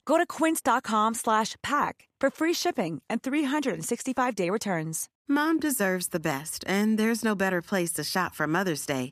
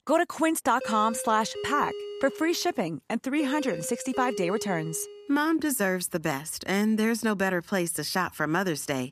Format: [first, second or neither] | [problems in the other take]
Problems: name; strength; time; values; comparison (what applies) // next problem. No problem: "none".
first | doorbell; noticeable; from 1 to 5.5 s; peak 7 dB below the speech